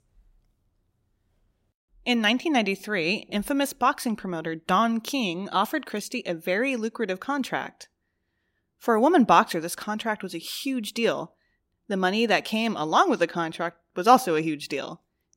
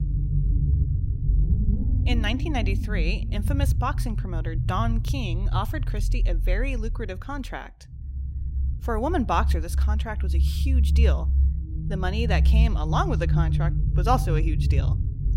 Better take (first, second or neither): first